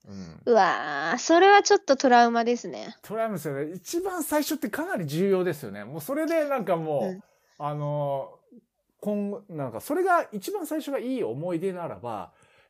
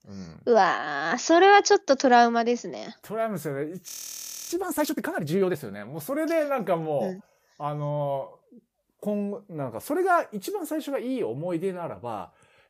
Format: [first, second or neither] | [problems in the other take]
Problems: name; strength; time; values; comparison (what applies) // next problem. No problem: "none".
first | audio freezing; at 4 s for 0.5 s